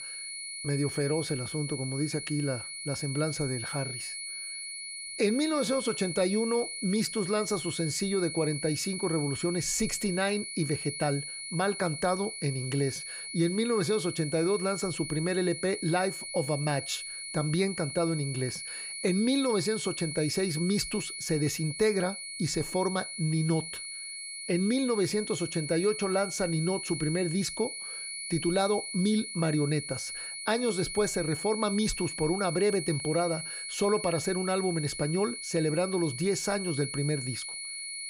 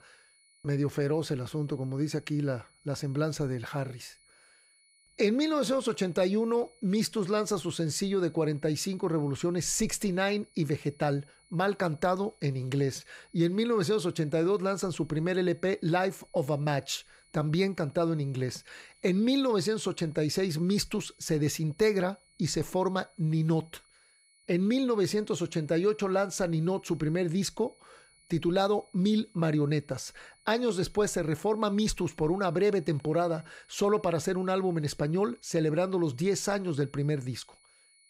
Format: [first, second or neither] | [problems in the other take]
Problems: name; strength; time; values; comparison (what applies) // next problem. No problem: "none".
second | high-pitched whine; loud; throughout; 2 kHz, 6 dB below the speech; faint in the second